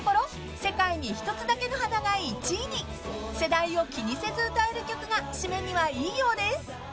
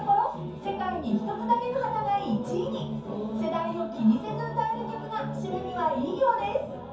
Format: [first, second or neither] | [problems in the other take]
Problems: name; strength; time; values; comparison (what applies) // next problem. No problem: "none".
first | room echo; dies away in 0.6 s